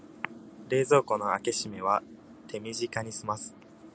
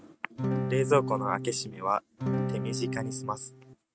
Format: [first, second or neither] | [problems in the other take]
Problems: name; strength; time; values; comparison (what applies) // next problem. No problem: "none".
first | noise reduction (neural mask model RNNoise)